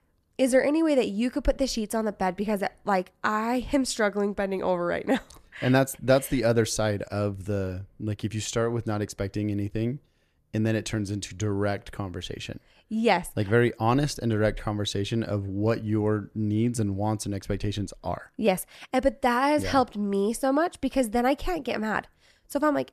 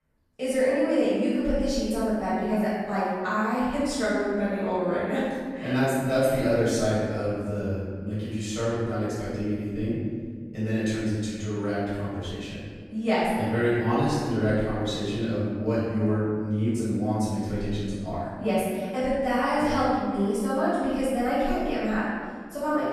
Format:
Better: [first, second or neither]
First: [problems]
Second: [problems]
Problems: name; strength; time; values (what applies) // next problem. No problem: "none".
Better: first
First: none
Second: off-mic speech; far // room echo; strong; dies away in 1.7 s